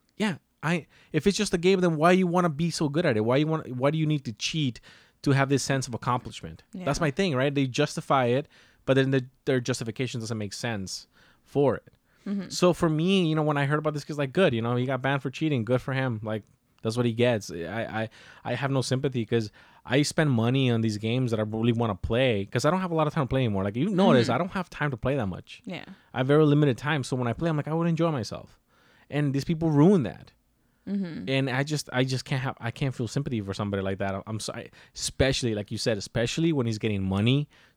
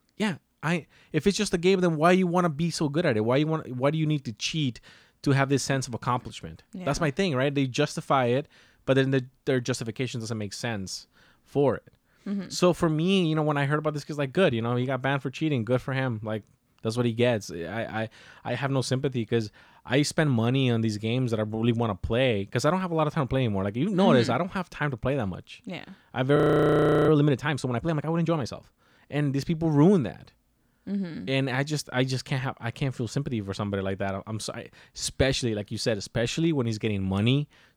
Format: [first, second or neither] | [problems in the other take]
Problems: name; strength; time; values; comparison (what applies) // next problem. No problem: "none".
first | audio freezing; at 26 s for 0.5 s